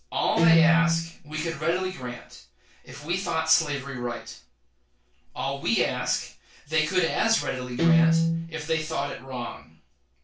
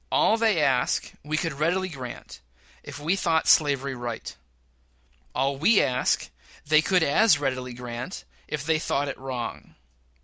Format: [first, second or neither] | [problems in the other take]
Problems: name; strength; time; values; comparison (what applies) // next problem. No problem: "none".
second | background sound (Guitar); 4 dB above the speech // room echo; dies away in 0.2 s